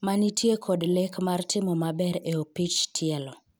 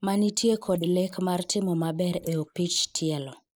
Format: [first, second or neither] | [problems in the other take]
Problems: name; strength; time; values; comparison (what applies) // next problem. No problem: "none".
first | noise reduction (neural mask model Resemble Enhance denoiser)